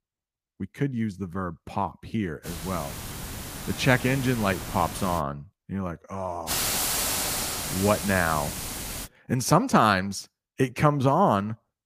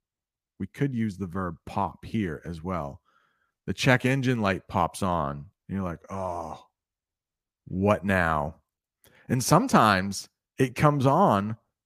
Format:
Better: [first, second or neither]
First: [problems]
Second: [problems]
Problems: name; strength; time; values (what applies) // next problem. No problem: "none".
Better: second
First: hiss; loud; from 2.5 to 5 s and from 6.5 to 9 s; 4 dB below the speech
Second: none